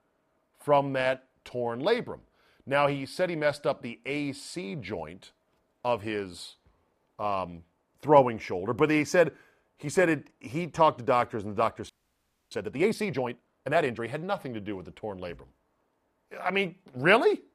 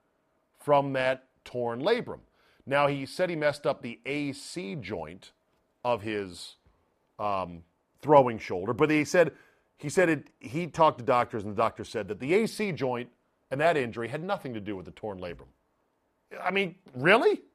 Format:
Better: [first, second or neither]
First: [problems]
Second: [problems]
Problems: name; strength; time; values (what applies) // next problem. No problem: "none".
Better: second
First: audio freezing; at 12 s for 0.5 s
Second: none